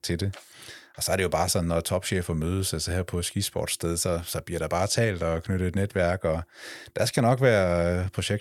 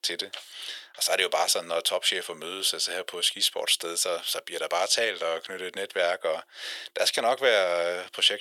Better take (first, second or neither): first